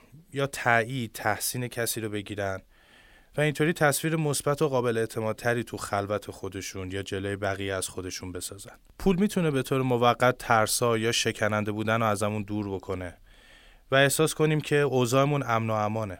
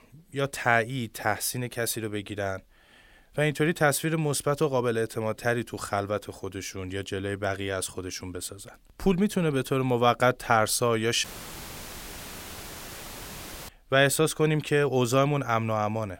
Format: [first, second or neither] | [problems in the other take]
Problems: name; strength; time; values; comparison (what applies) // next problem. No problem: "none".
first | audio cutting out; filled with static; at 11 s for 2.5 s